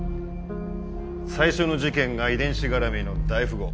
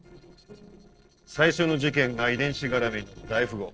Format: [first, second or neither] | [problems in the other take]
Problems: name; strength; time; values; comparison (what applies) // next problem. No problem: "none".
first | noise reduction (neural separator model SepFormer DNS4)